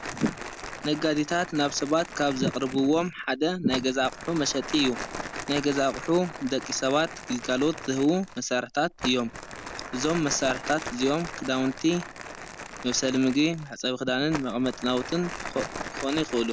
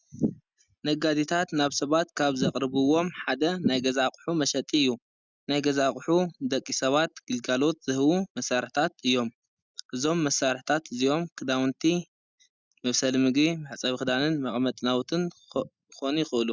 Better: second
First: background sound (Crumpling, crinkling); 11 dB below the speech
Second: none

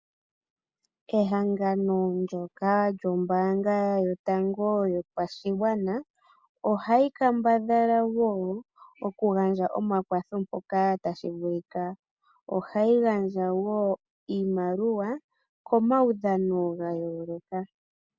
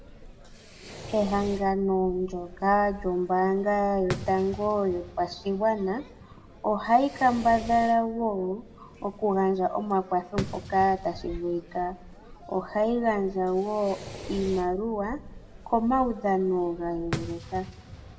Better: first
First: none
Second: background sound (Fireworks); 14 dB below the speech // room echo; dies away in 1 s

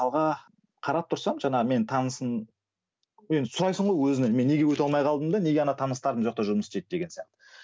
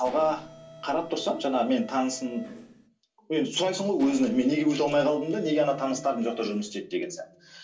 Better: first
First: none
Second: background sound (Mechanisms); 19 dB below the speech // room echo; dies away in 0.3 s

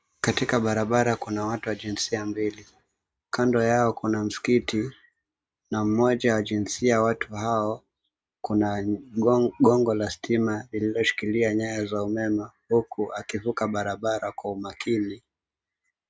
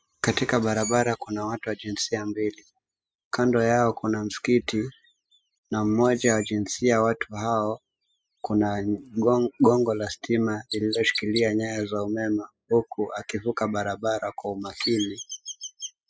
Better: first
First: none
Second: noise reduction (classical method spectral subtraction)

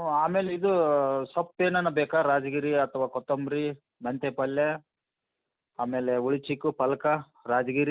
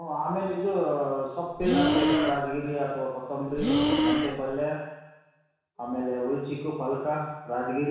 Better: first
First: none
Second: background sound (Breathing); 3 dB above the speech // room echo; dies away in 1.1 s

